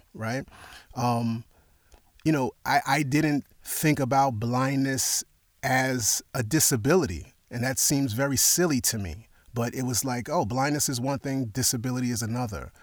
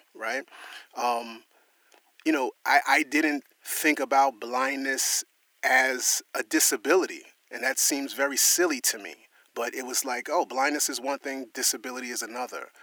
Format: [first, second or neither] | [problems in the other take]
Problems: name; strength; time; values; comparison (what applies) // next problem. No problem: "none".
first | thin; somewhat; fading below 300 Hz